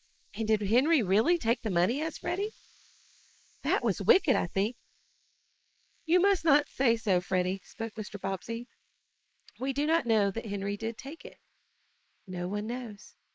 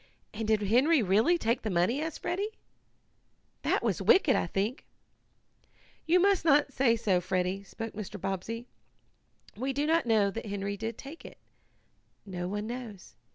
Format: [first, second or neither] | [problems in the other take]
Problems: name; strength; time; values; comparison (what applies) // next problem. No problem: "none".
second | noise reduction (neural mask model Resemble Enhance denoiser)